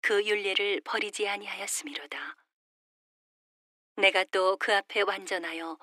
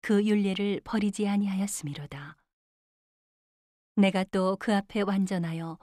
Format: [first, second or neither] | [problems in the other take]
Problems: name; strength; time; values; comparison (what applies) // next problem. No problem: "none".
second | thin; very; fading below 300 Hz